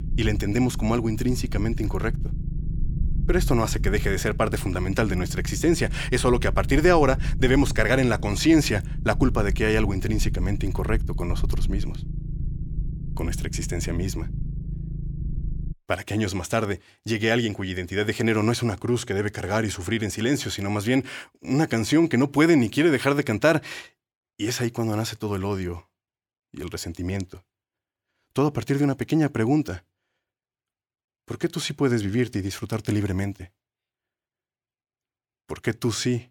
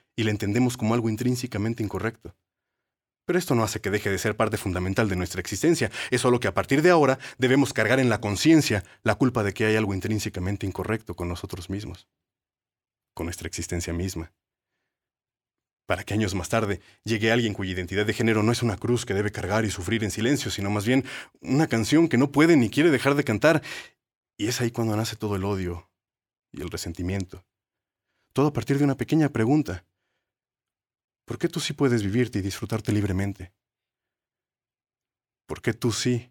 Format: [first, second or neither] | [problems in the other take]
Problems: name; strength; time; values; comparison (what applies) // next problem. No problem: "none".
second | low rumble; noticeable; until 16 s; 20 dB below the speech